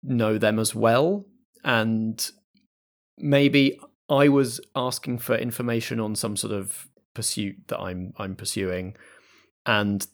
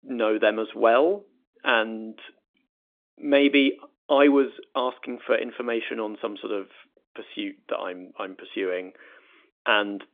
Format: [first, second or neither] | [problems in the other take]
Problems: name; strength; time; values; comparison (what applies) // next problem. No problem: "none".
first | phone-call audio; nothing above 3.5 kHz